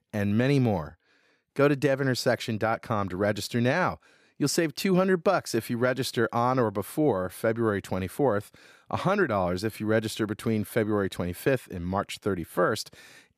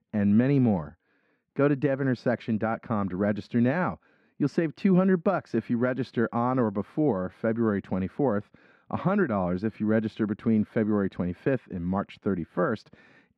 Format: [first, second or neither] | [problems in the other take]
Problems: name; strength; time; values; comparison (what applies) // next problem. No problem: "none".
first | muffled; very; fading above 2 kHz